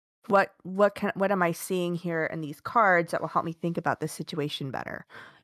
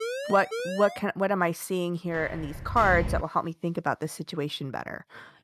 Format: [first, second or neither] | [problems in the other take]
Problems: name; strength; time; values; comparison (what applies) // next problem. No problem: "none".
first | siren; noticeable; until 1 s; peak 5 dB below the speech // footsteps; noticeable; from 2 to 3 s; peak 4 dB below the speech